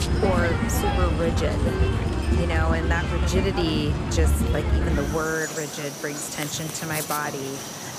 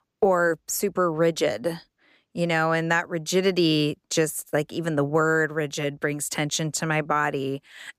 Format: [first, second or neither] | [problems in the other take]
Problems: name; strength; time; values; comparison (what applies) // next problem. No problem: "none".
second | animal sounds; very loud; throughout; 3 dB above the speech